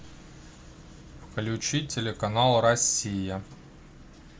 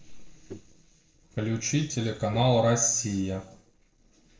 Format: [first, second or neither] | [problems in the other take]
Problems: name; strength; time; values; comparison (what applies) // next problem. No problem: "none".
first | noise reduction (neural separator model SepFormer DNS4)